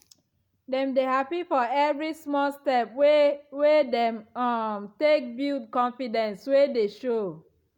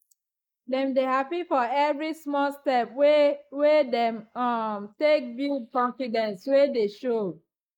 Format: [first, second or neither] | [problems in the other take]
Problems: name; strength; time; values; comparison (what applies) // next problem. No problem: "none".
first | noise reduction (neural mask model Resemble Enhance denoiser)